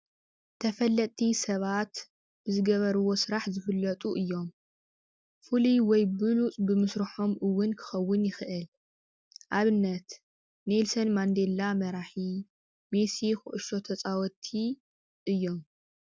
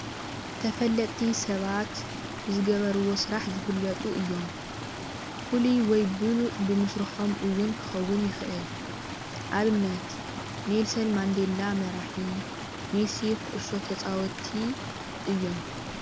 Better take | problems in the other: first | background sound (Stream); 7 dB below the speech

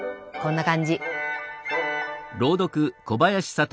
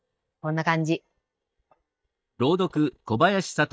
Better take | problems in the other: first | noise reduction (neural mask model DeepFilterNet 3)

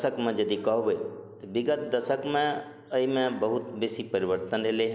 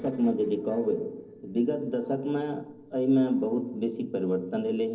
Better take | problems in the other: first | noise reduction (neural separator model SepFormer DNS4)

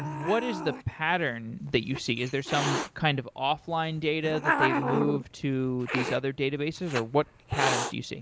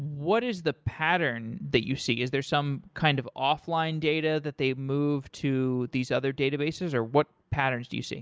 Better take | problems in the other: second | background sound (Hiss); 4 dB below the speech

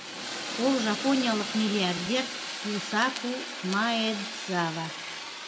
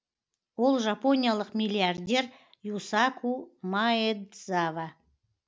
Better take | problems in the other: second | background sound (Fire); 6 dB below the speech // room echo; dies away in 1.3 s

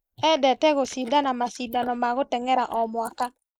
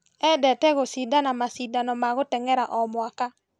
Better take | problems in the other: second | noise reduction (neural mask model Resemble Enhance denoiser)

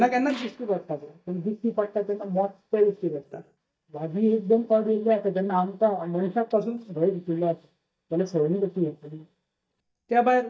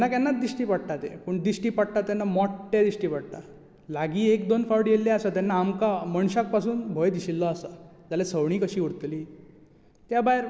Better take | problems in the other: second | noise reduction (neural mask model DeepFilterNet 3)

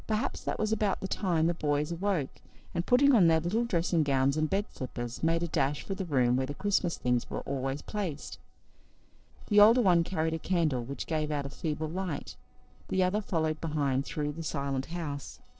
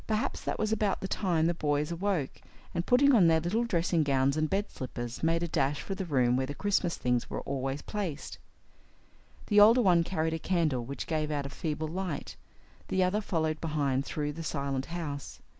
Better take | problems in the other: second | noise reduction (neural separator model SepFormer DNS4)

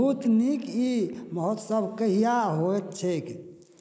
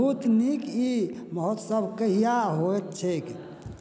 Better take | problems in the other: second | noise reduction (neural mask model Resemble Enhance denoiser)

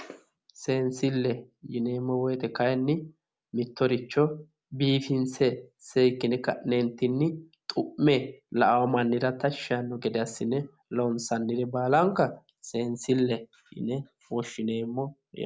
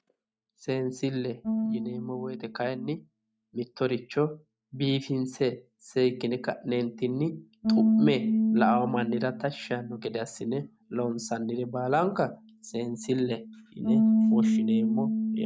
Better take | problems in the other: first | noise reduction (neural mask model DeepFilterNet 3)

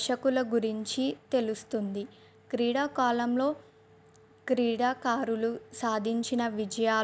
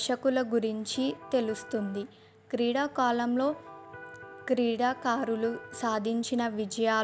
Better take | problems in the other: first | background sound (Electric guitar); 17 dB below the speech

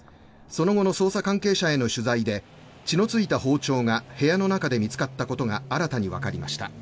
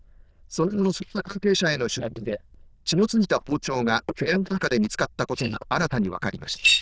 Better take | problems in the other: first | noise reduction (neural diffusion model UNIVERSE++)

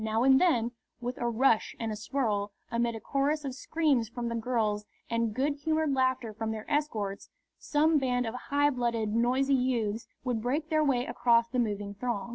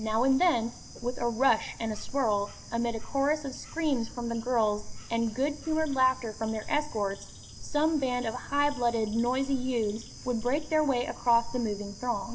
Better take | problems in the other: first | background sound (Bird / Insect); 11 dB below the speech // room echo; dies away in 0.6 s

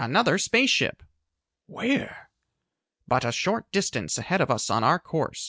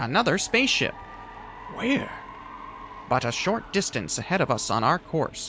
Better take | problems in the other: first | background sound (Applause / Cheering + Mechanisms); 16 dB below the speech

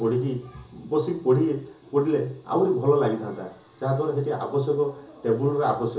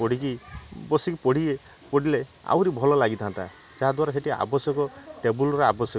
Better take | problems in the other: second | room echo; dies away in 0.7 s

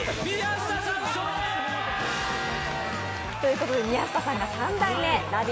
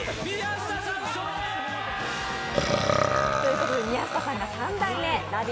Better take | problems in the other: first | background sound (Burping, eructation); as loud as the speech

